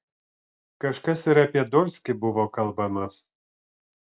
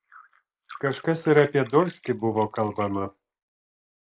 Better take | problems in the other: first | noise reduction (neural mask model Resemble Enhance denoiser)

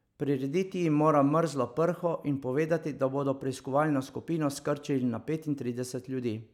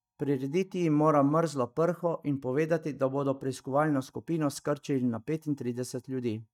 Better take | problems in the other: first | noise reduction (neural mask model DeepFilterNet 3)

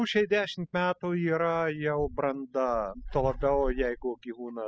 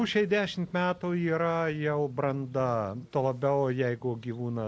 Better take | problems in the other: second | noise reduction (classical method spectral subtraction)

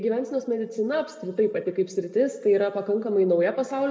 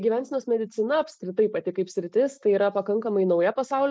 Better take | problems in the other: second | room echo; dies away in 1.2 s

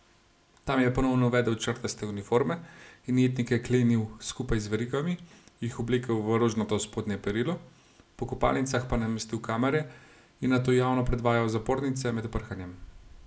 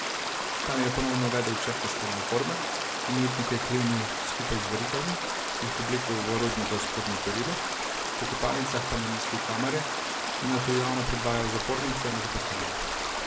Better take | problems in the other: first | background sound (Stream); 1 dB above the speech

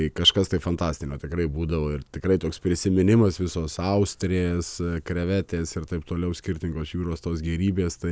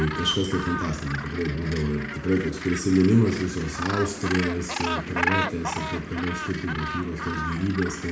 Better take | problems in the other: first | background sound (Gull, seagull); 6 dB below the speech // room echo; dies away in 0.6 s

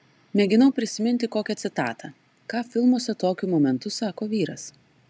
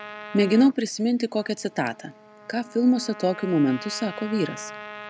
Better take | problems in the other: first | background sound (Trumpet); 16 dB below the speech

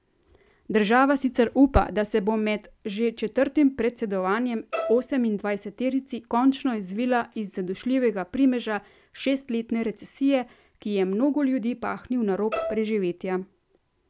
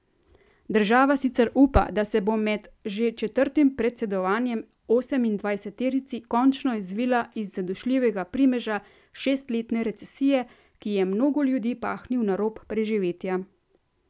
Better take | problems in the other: second | background sound (Bowed string instrument); 9 dB below the speech

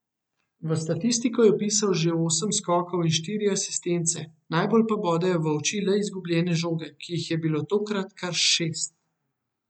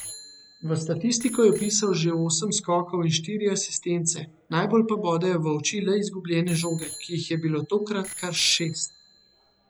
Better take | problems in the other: first | background sound (Bicycle bell); 19 dB below the speech

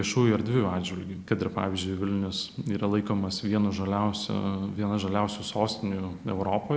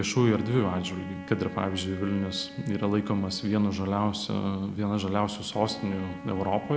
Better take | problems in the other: first | background sound (Wind instrument, woodwind instrument); 16 dB below the speech

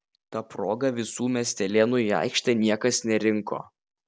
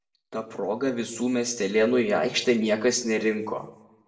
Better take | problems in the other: first | room echo; dies away in 0.6 s

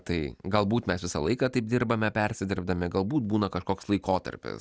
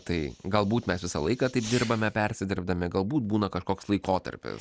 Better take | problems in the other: first | background sound (Fireworks); 19 dB below the speech

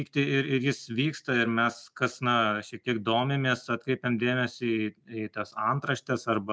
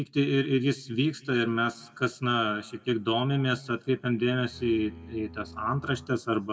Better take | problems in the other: first | background sound (Bowed string instrument); 18 dB below the speech // room echo; dies away in 1.6 s

